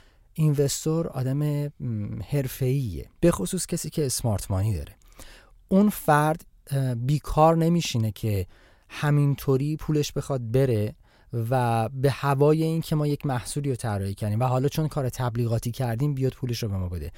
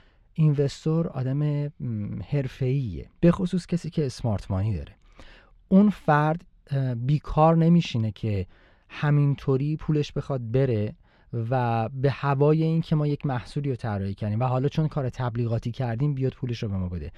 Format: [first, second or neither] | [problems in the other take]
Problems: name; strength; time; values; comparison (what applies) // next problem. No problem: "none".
first | muffled; slightly; fading above 3 kHz